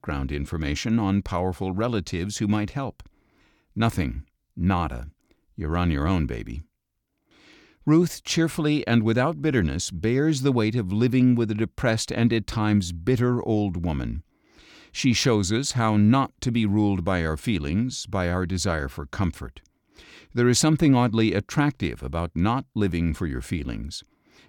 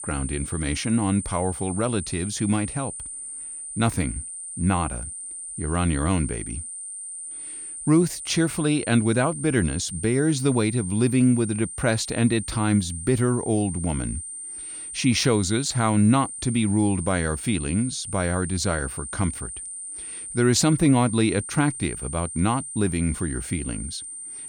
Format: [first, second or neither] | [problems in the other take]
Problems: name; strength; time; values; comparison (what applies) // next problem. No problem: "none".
first | high-pitched whine; loud; throughout; 9 kHz, 9 dB below the speech